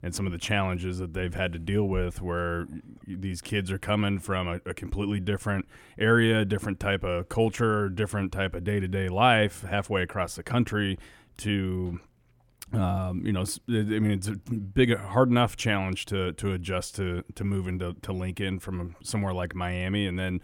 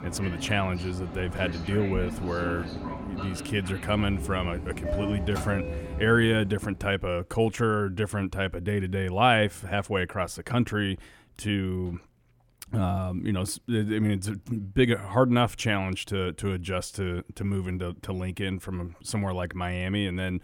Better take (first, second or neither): first